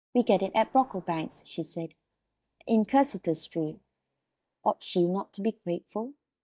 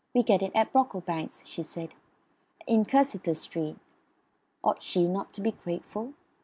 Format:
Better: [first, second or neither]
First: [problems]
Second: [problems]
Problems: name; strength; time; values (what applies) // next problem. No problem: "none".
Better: second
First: noise reduction (neural mask model DeepFilterNet 3)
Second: none